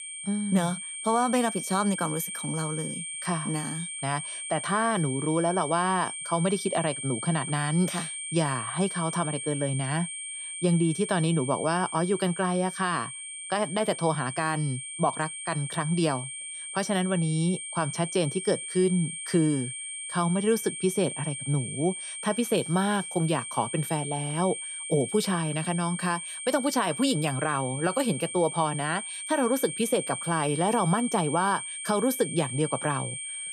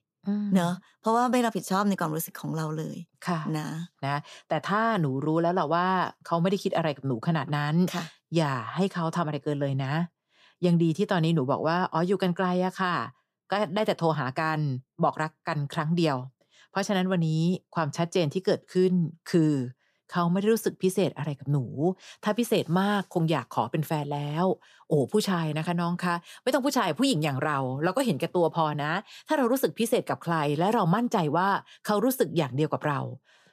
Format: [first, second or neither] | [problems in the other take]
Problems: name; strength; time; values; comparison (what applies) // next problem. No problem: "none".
second | high-pitched whine; loud; throughout; 8.5 kHz, 6 dB below the speech